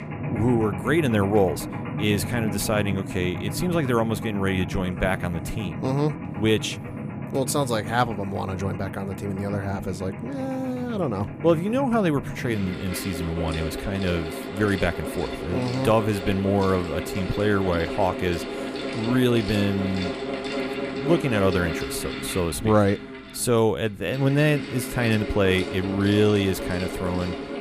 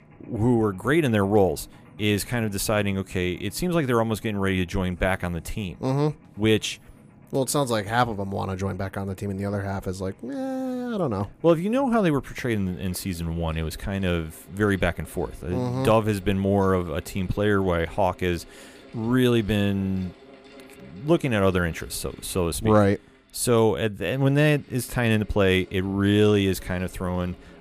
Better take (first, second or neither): second